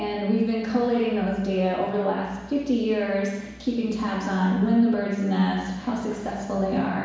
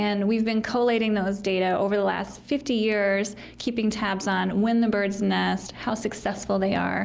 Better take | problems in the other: second | room echo; dies away in 1.1 s

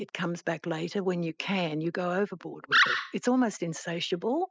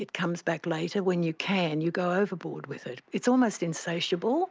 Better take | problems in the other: second | noise reduction (classical method spectral subtraction)

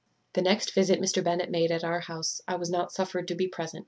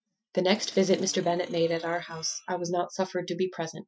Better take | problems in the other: first | noise reduction (classical method Wiener filter)

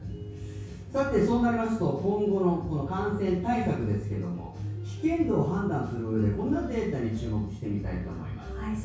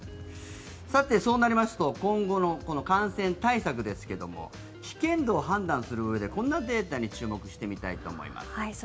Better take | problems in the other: second | room echo; dies away in 0.6 s

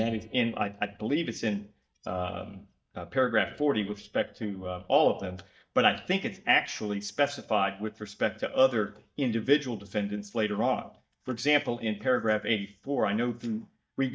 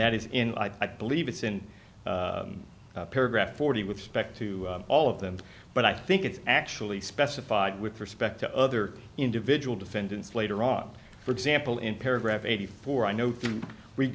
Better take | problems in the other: second | noise reduction (neural mask model DeepFilterNet 3)

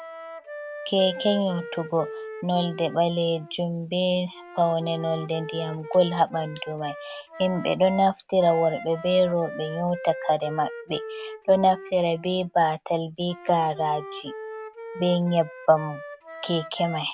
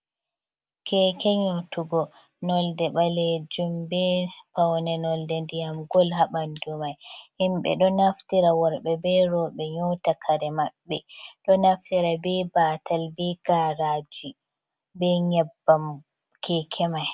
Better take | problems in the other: second | background sound (Wind instrument, woodwind instrument); 14 dB below the speech

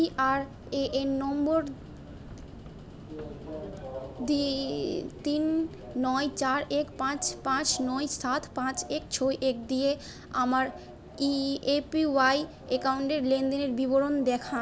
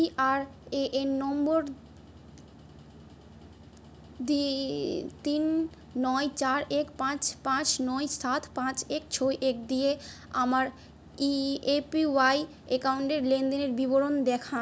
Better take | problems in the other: second | background sound (Subway, metro, underground); 15 dB below the speech

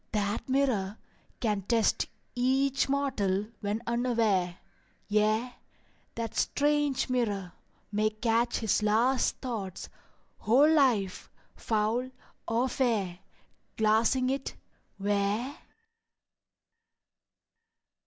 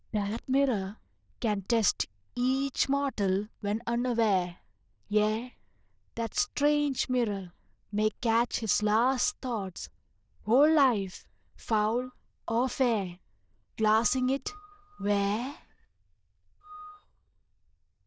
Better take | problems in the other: first | noise reduction (neural diffusion model UNIVERSE++)

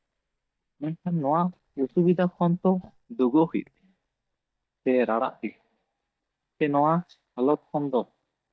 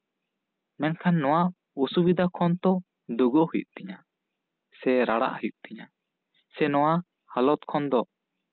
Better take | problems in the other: second | noise reduction (neural mask model DeepFilterNet 3)

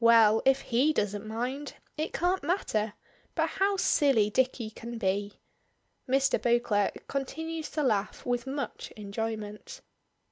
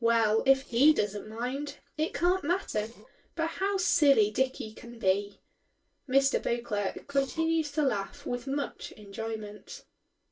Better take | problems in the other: first | noise reduction (neural separator model SepFormer DNS4)

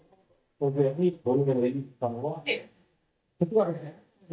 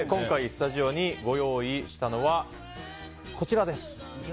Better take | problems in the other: second | noise reduction (neural mask model DeepFilterNet 3)

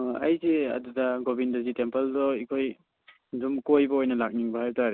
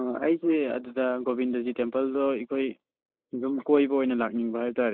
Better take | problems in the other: first | noise reduction (neural mask model Resemble Enhance denoiser)

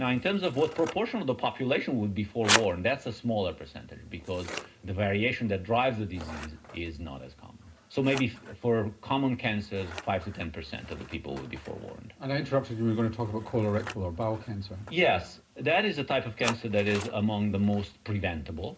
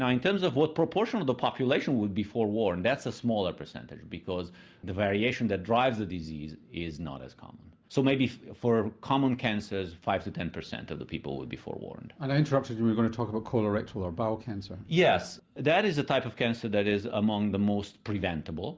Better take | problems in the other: second | background sound (Scissors); 11 dB below the speech // room echo; dies away in 0.2 s

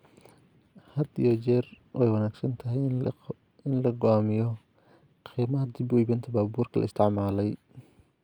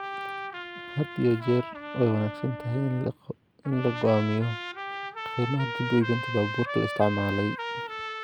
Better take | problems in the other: first | background sound (Trumpet); 8 dB below the speech

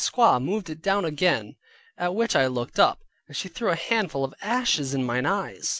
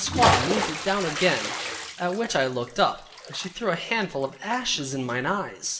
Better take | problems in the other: first | background sound (Bathtub (filling or washing) / Splash, splatter); 5 dB below the speech // room echo; dies away in 0.6 s

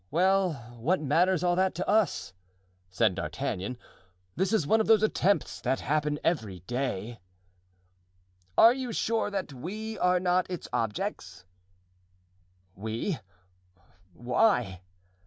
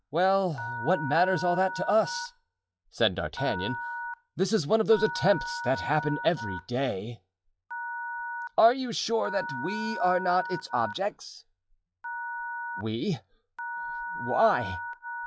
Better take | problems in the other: first | noise reduction (classical method log-MMSE)

